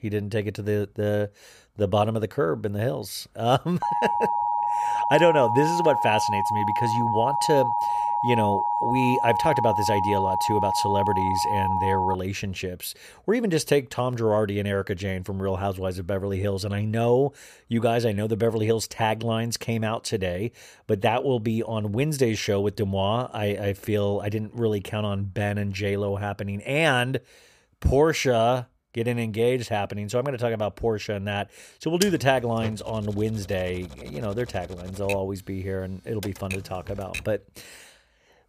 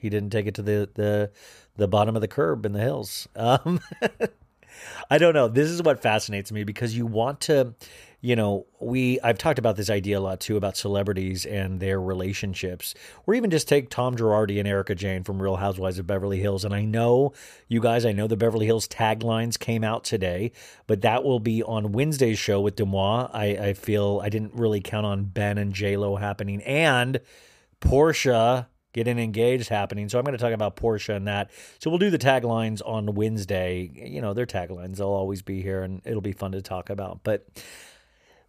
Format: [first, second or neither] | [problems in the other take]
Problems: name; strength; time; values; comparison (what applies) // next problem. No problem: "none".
second | alarm; loud; from 4 to 12 s; peak 1 dB above the speech // keyboard typing; noticeable; from 32 to 37 s; peak 5 dB below the speech